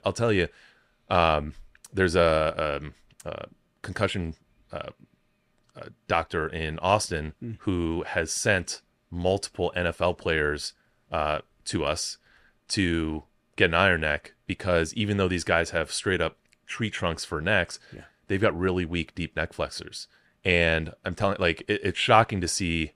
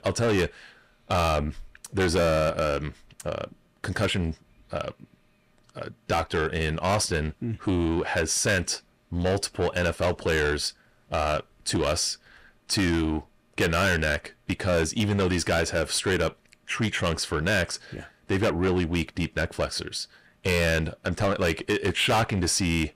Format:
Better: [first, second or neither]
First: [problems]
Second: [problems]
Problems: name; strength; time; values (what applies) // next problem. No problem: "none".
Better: first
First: none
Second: distortion; heavy; 6 dB below the speech